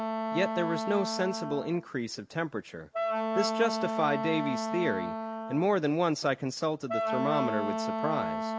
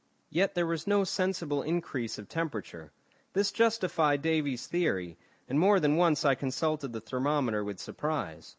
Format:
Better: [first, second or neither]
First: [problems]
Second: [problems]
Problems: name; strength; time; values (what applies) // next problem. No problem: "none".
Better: second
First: background sound (Wind instrument, woodwind instrument); 2 dB below the speech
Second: none